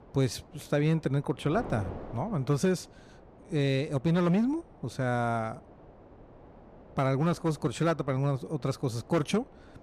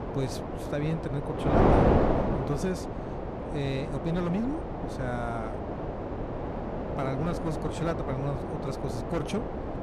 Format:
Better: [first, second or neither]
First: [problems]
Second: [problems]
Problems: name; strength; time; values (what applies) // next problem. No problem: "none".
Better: first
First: wind noise on the microphone; occasional gusts; 20 dB below the speech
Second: wind noise on the microphone; heavy; 4 dB above the speech